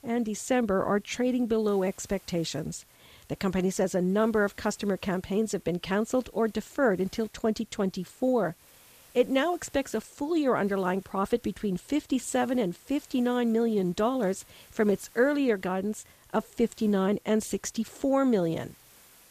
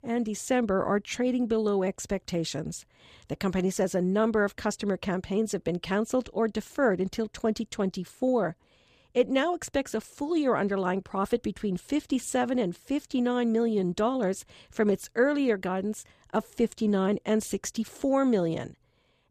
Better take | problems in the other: second | hiss; faint; throughout; 25 dB below the speech

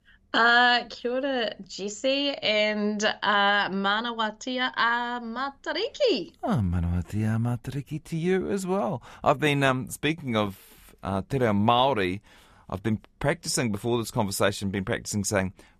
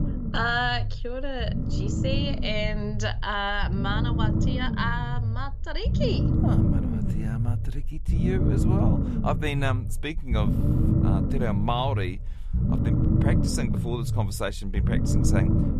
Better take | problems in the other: first | low rumble; loud; throughout; 5 dB below the speech

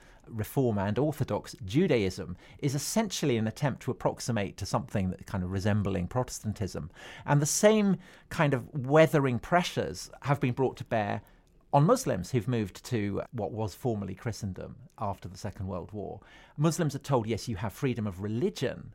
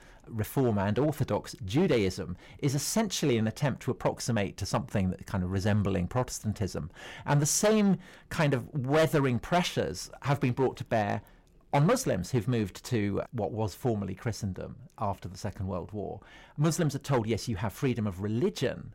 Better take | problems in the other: first | distortion; slight; 4% of the sound clipped

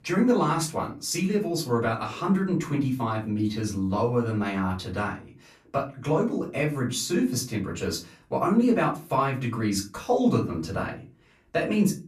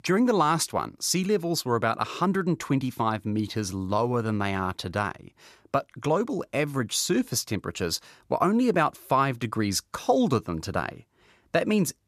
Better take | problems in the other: second | off-mic speech; far // room echo; very slight; dies away in 0.3 s

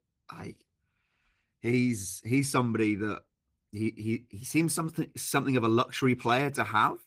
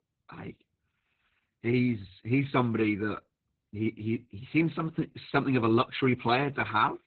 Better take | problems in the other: first | garbled, watery; badly; nothing above 4 kHz; slightly in the first

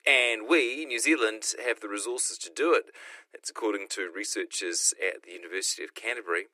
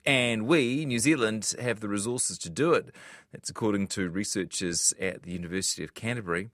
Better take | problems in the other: second | thin; very; fading below 300 Hz

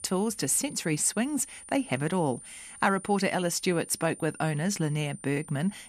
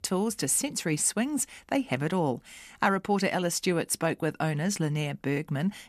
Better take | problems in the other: second | high-pitched whine; noticeable; throughout; 9.5 kHz, 15 dB below the speech

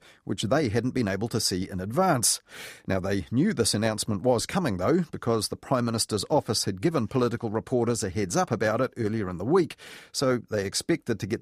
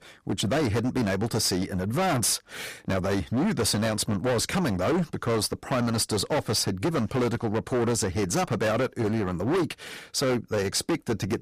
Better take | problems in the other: first | distortion; heavy; 21% of the sound clipped

